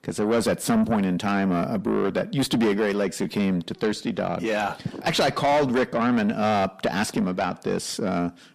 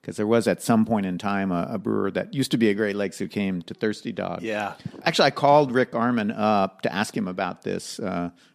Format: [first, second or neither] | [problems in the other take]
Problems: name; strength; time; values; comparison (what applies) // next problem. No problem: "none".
second | distortion; heavy; 7 dB below the speech